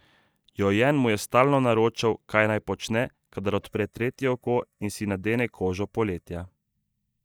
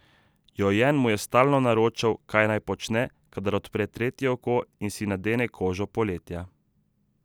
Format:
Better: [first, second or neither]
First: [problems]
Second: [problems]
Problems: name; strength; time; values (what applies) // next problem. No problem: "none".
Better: second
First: noise reduction (neural mask model DeepFilterNet 3)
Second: none